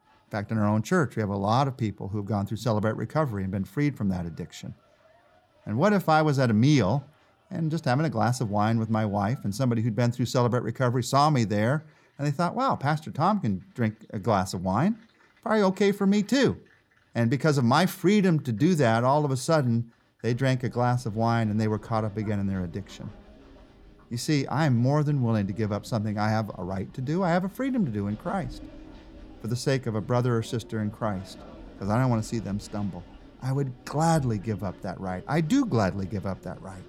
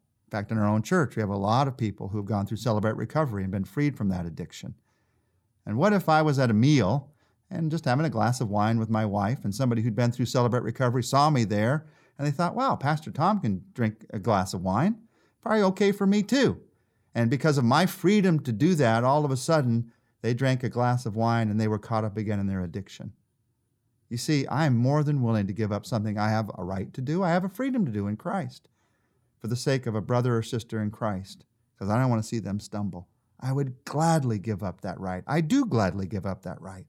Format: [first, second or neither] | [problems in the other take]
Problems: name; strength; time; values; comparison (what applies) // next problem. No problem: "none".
second | crowd noise; faint; throughout; 25 dB below the speech